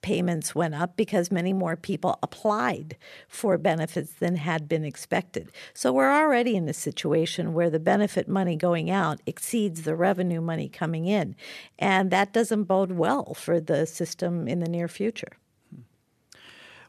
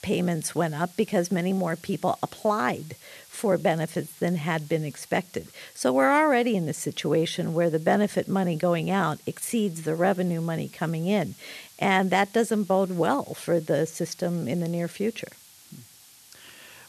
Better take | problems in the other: first | hiss; faint; throughout; 25 dB below the speech

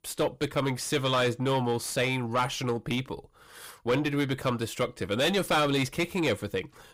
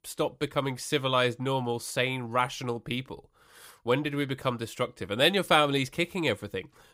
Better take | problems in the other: second | distortion; heavy; 7 dB below the speech

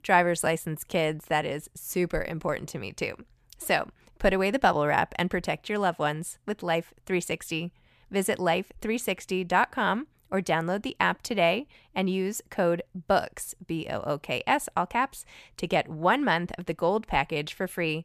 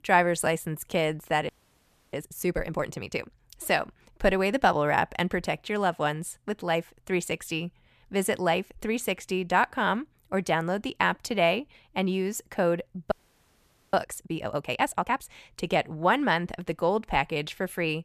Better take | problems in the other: first | audio freezing; at 1.5 s for 0.5 s and at 13 s for 1 s

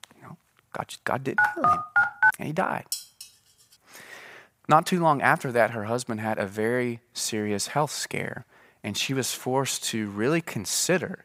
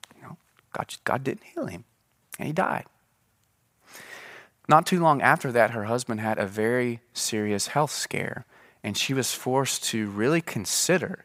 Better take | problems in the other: second | phone ringing; loud; at 1.5 s; peak 6 dB above the speech // clattering dishes; noticeable; at 3 s; peak 7 dB below the speech

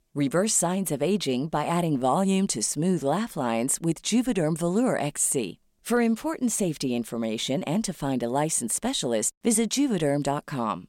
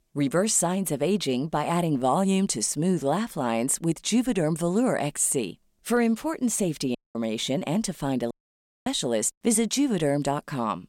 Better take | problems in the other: first | audio cutting out; at 7 s and at 8.5 s for 0.5 s

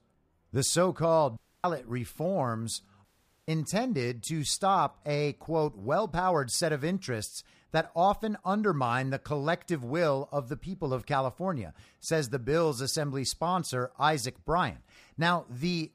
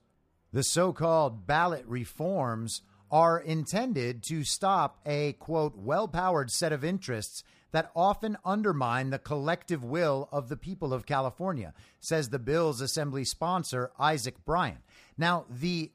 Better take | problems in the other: second | audio cutting out; at 1.5 s and at 3 s

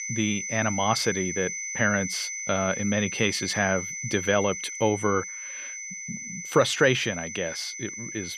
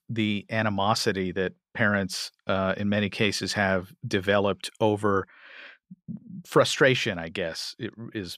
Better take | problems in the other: second | high-pitched whine; loud; throughout; 6 kHz, 6 dB below the speech

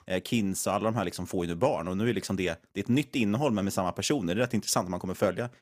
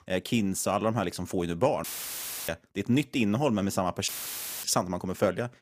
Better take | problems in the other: first | audio cutting out; filled with static; at 2 s for 0.5 s and at 4 s for 0.5 s

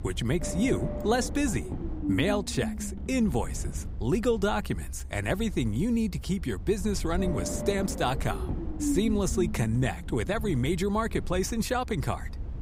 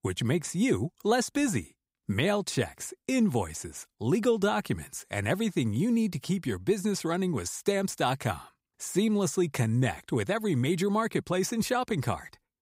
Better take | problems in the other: second | low rumble; loud; throughout; 9 dB below the speech

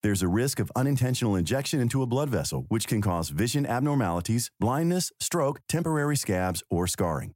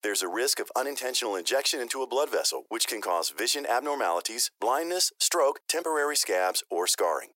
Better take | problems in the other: first | thin; very; fading below 400 Hz

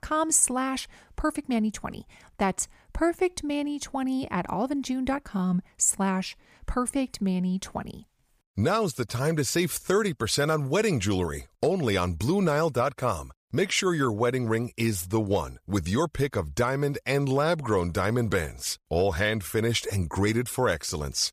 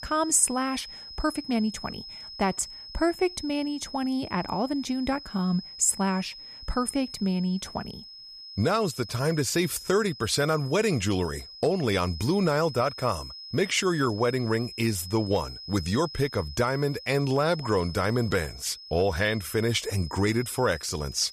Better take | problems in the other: first | high-pitched whine; noticeable; throughout; 5 kHz, 15 dB below the speech

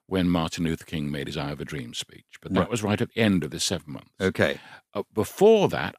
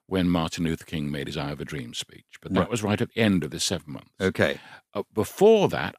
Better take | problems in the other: neither | none

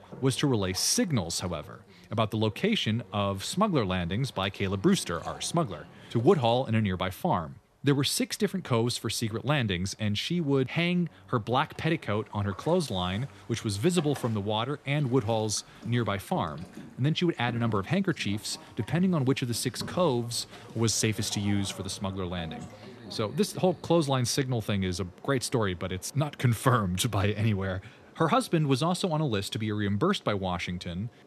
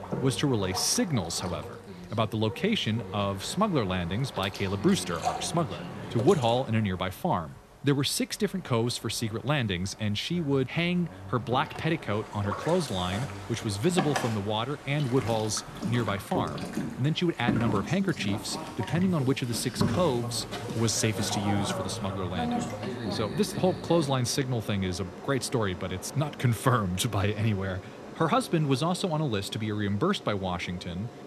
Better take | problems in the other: first | train or aircraft noise; loud; throughout; 8 dB below the speech; faint in the first

